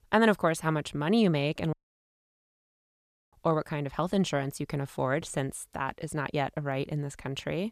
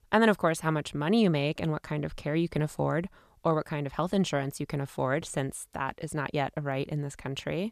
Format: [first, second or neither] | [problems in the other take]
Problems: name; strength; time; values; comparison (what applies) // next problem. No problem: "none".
second | audio cutting out; at 1.5 s for 1.5 s